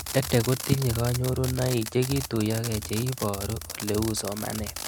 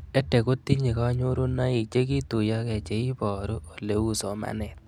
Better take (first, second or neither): second